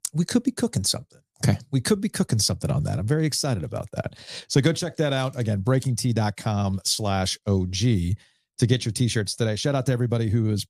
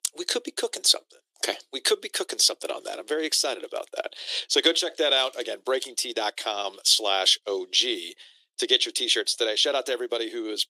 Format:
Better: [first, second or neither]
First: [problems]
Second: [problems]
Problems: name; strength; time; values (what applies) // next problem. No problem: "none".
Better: first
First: none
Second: thin; very; fading below 350 Hz